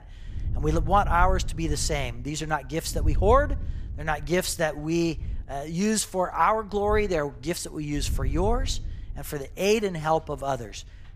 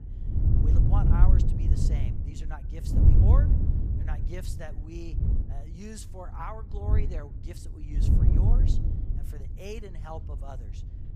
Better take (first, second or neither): first